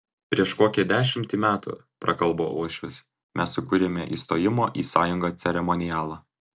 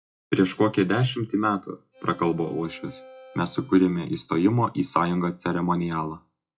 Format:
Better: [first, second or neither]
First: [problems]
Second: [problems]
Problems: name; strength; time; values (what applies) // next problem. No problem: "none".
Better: first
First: none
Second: noise reduction (classical method WPE with log-MMSE)